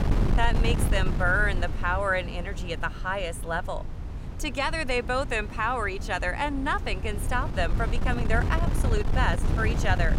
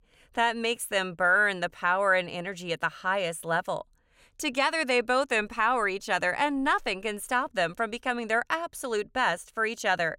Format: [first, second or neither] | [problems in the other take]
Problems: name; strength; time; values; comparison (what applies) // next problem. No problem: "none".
second | wind noise on the microphone; occasional gusts; 10 dB below the speech